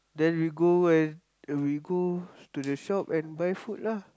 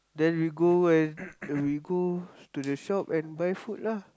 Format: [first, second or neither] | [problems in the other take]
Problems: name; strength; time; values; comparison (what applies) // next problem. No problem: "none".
first | background sound (Cough); 19 dB below the speech